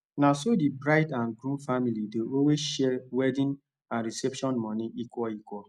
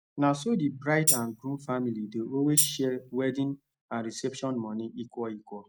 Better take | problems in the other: first | background sound (Tambourine); 1 dB below the speech

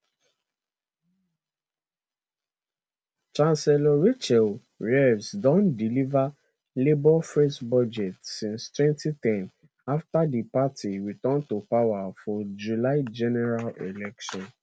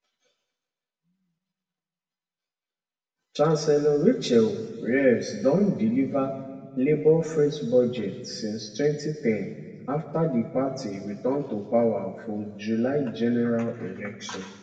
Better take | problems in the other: first | room echo; dies away in 1.6 s

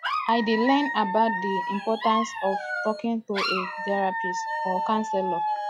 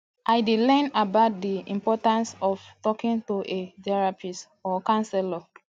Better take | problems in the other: second | noise reduction (classical method log-MMSE)

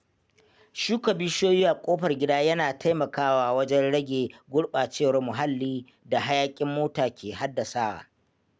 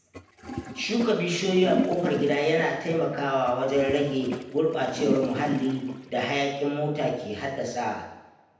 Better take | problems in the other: first | background sound (Toilet flush); 8 dB below the speech // room echo; dies away in 0.9 s

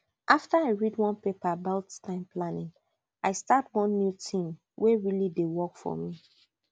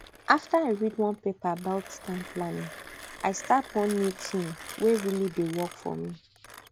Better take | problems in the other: first | background sound (Mechanisms); 16 dB below the speech

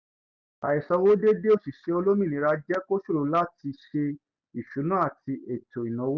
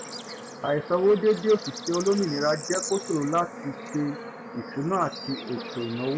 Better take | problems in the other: first | background sound (Bird / Insect / Frog); 10 dB below the speech

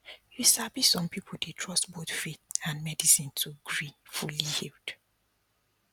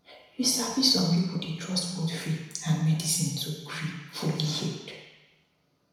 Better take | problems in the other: first | room echo; dies away in 1 s

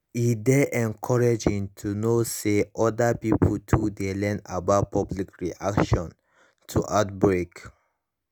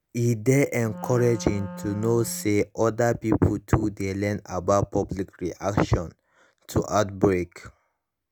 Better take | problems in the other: first | background sound (Wind instrument, woodwind instrument); 14 dB below the speech

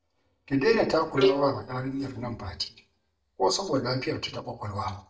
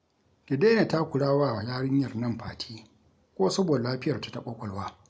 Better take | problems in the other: second | noise reduction (neural mask model DeepFilterNet 3)

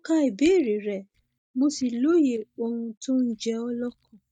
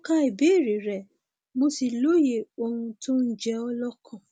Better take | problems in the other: second | noise reduction (neural mask model DeepFilterNet 3)

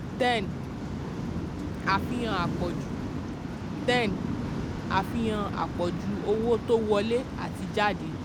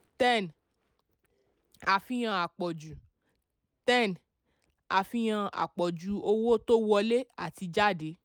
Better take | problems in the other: second | background sound (Waves, surf); 3 dB below the speech

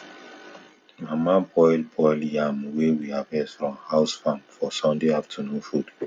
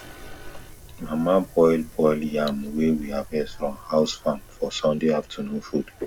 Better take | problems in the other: first | background sound (Wind + Cutlery, silverware); 17 dB below the speech

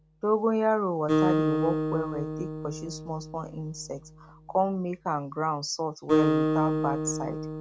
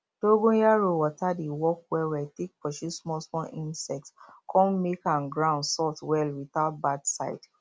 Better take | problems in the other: second | background sound (Acoustic guitar); as loud as the speech

